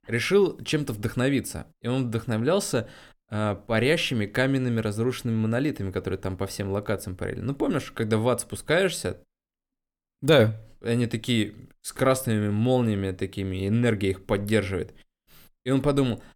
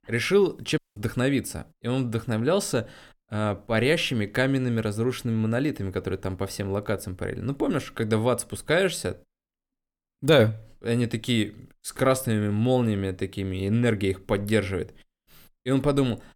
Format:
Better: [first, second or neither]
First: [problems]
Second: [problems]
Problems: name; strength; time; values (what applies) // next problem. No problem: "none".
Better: first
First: none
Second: audio cutting out; at 1 s